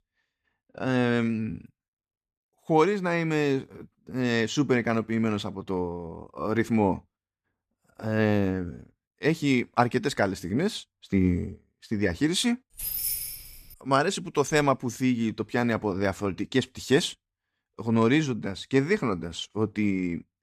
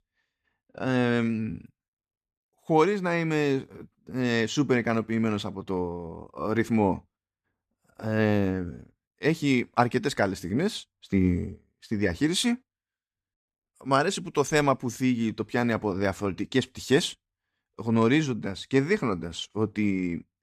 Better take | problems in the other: second | jangling keys; noticeable; at 13 s; peak 1 dB below the speech

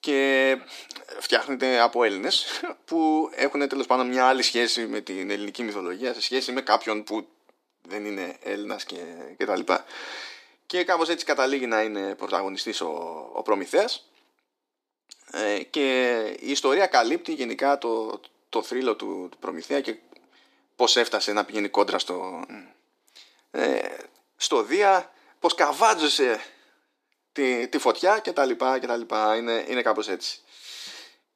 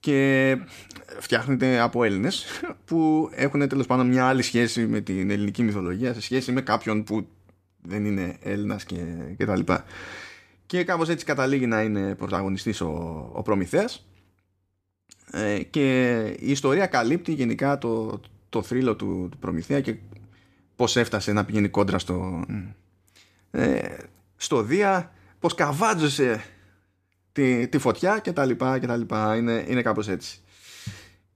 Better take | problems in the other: second | thin; somewhat; fading below 300 Hz

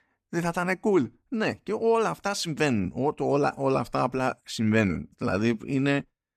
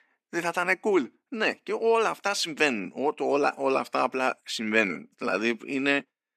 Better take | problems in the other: first | thin; very slightly; fading below 250 Hz

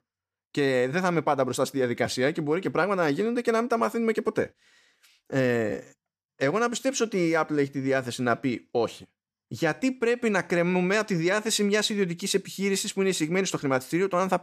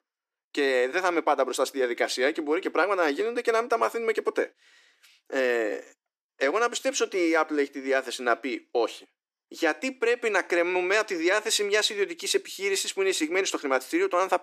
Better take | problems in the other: first | thin; somewhat; fading below 300 Hz

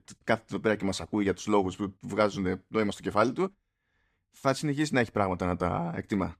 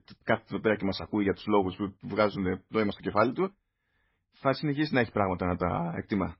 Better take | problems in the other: first | garbled, watery; badly; nothing above 5.5 kHz

